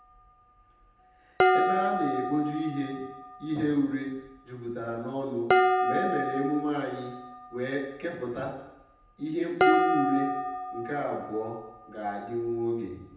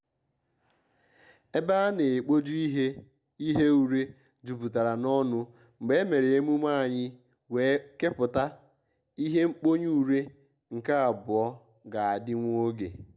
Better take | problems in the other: second | background sound (Dishes, pots, and pans); 2 dB above the speech // room echo; dies away in 0.9 s

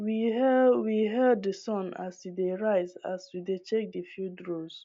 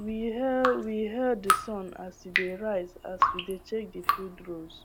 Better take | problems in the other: first | background sound (Drip); 1 dB below the speech

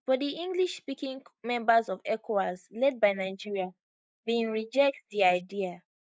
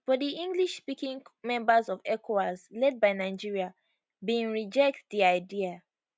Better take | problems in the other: second | noise reduction (neural mask model Resemble Enhance denoiser)

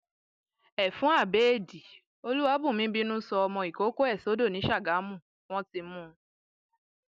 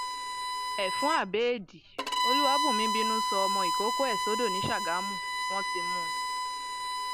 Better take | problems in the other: first | background sound (Bowed string instrument); 3 dB above the speech

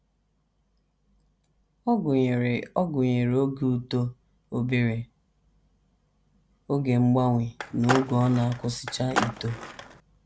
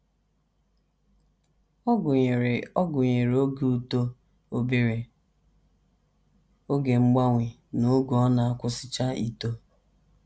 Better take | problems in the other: second | background sound (Skateboard); 6 dB below the speech

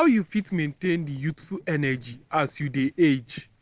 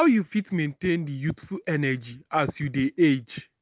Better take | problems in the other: second | noise reduction (neural separator model SepFormer DNS4)

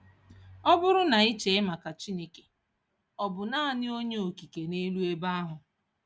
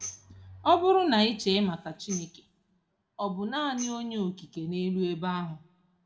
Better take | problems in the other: first | background sound (Tambourine); 17 dB below the speech // room echo; dies away in 0.5 s

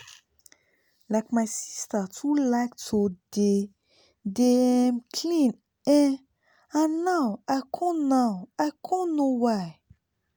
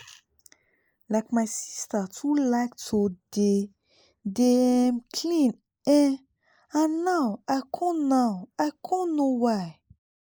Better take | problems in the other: first | noise reduction (neural mask model Resemble Enhance denoiser)

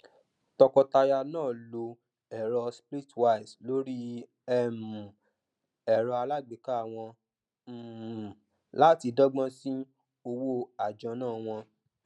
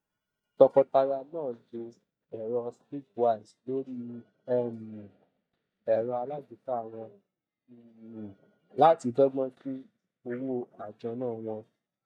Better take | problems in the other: first | noise reduction (neural mask model DeepFilterNet 3)

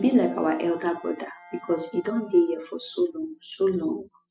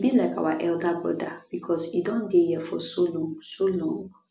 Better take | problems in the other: second | noise reduction (classical method spectral subtraction)

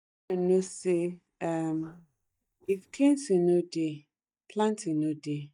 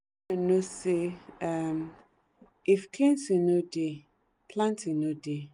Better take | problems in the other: second | noise reduction (neural mask model DeepFilterNet 3)

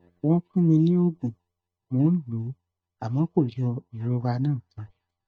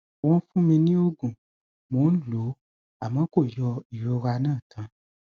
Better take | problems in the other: second | noise reduction (neural mask model DeepFilterNet 3)

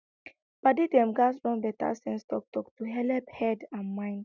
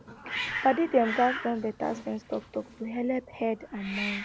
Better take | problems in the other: first | background sound (Hiss); 9 dB below the speech

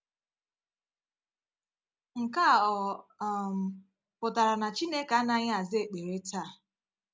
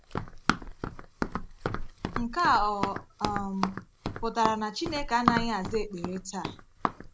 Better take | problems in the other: first | background sound (Run); 2 dB below the speech

